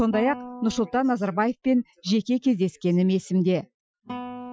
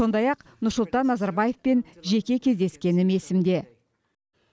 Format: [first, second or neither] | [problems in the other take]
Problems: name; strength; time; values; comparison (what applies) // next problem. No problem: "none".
second | noise reduction (classical method Wiener filter)